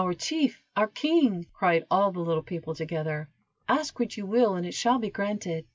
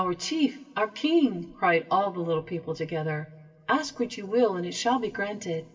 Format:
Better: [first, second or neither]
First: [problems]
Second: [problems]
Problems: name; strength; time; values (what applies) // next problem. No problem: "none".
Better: first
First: none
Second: room echo; dies away in 2.6 s